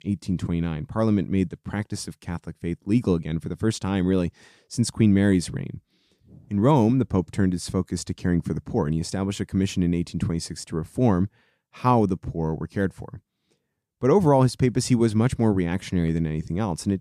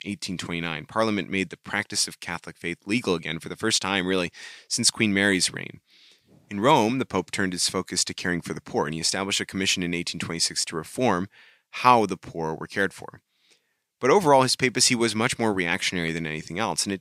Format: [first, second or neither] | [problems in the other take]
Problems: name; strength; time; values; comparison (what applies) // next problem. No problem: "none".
first | thin; somewhat; fading below 1 kHz